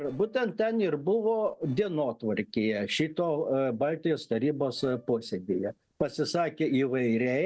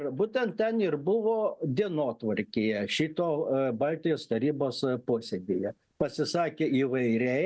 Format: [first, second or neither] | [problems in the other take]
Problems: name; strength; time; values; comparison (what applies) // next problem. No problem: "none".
second | noise reduction (neural separator model SepFormer DNS4)